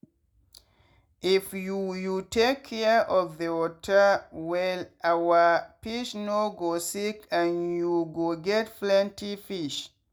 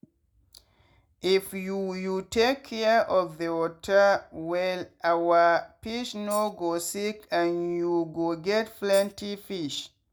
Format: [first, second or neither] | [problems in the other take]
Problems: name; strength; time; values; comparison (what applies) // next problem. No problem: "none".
first | background sound (Tambourine); 18 dB below the speech